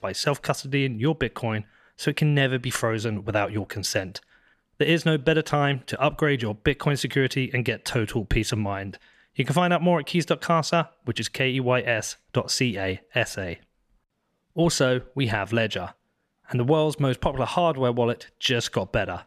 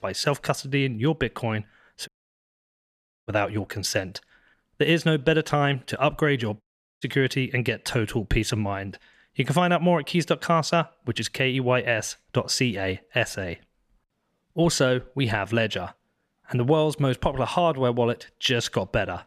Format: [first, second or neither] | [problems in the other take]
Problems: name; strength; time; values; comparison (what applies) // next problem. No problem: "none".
first | audio cutting out; at 2 s for 1 s and at 6.5 s